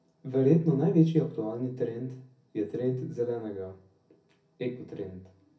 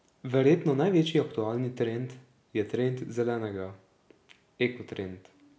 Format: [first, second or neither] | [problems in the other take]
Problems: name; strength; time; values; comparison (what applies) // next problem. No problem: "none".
second | room echo; dies away in 0.3 s